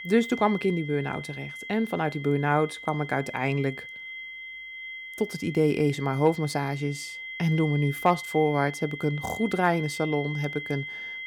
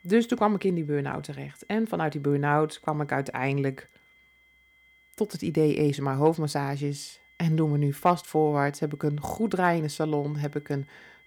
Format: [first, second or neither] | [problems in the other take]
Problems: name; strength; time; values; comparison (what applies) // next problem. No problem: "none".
second | high-pitched whine; loud; throughout; 2 kHz, 10 dB below the speech; faint in the second